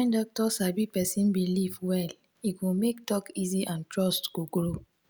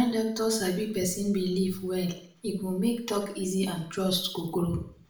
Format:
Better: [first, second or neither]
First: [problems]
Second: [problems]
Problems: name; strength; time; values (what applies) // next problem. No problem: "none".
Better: first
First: none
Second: room echo; dies away in 0.5 s